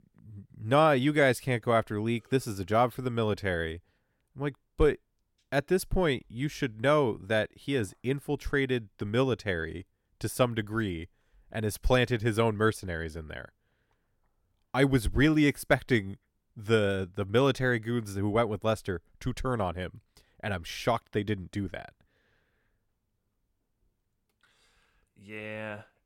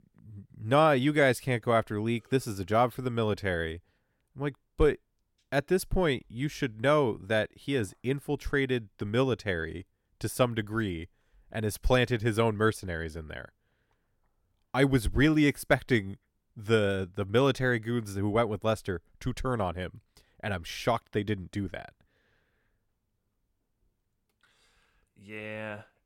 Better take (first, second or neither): neither